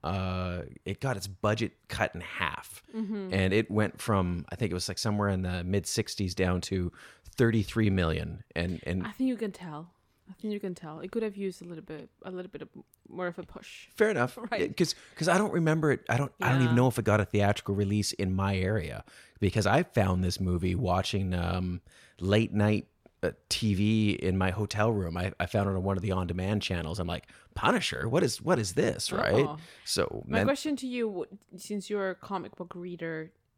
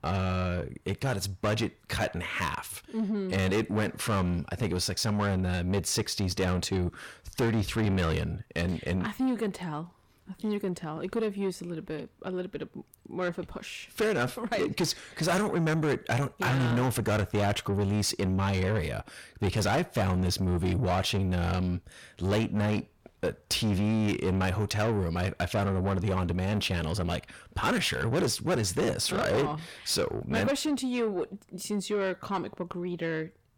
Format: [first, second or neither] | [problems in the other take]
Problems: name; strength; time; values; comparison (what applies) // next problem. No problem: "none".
first | distortion; heavy; 7 dB below the speech